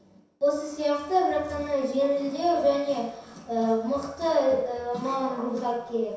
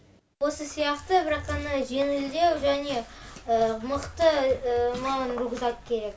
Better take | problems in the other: second | room echo; dies away in 0.7 s

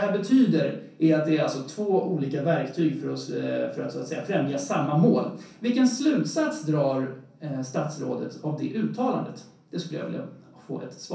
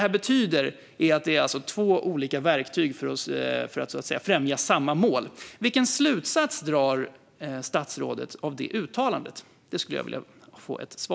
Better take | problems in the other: second | room echo; dies away in 0.6 s

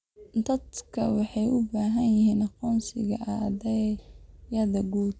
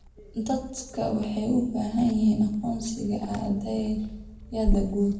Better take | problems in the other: first | background sound (Liquid); 8 dB below the speech // room echo; dies away in 0.6 s

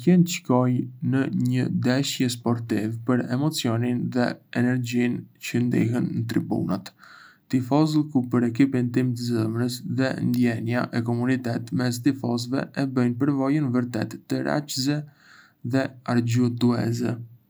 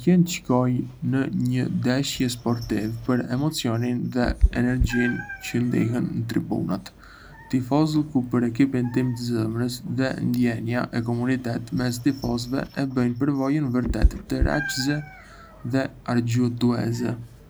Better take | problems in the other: first | background sound (Meow); 8 dB below the speech

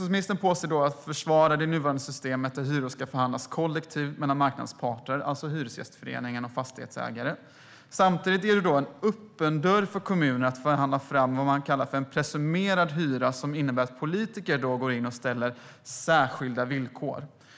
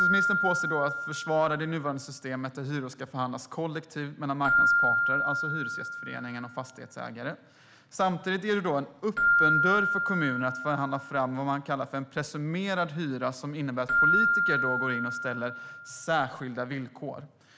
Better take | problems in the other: first | background sound (Keyboard (musical)); 1 dB above the speech

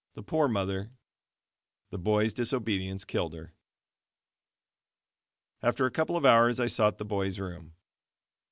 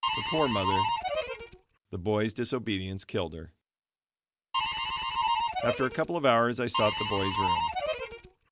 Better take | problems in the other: first | background sound (Harmonica); 1 dB above the speech

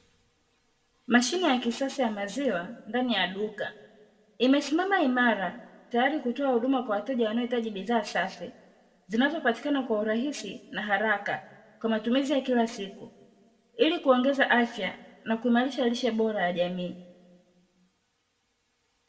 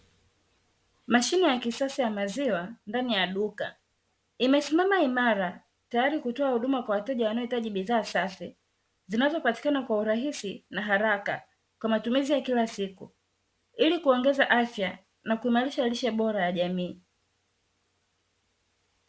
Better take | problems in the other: second | room echo; dies away in 0.8 s

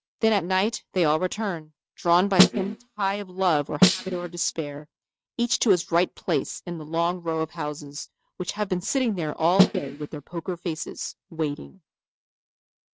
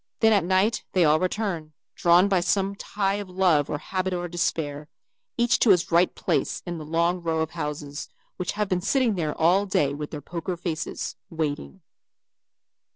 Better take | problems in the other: second | noise reduction (neural mask model RNNoise)

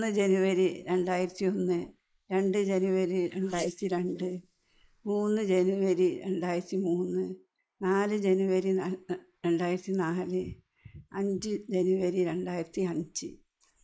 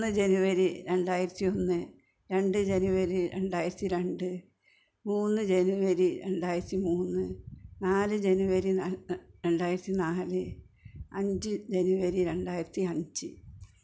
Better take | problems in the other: second | noise reduction (neural mask model Resemble Enhance denoiser)

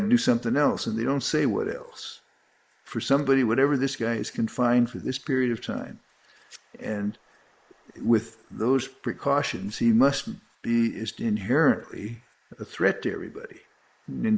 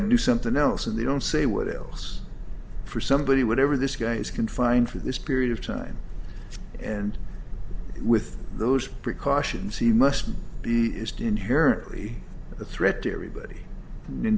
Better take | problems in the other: second | noise reduction (neural mask model Resemble Enhance denoiser)

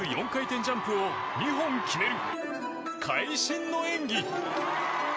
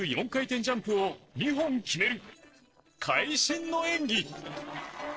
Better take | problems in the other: first | noise reduction (neural separator model SepFormer DNS4)

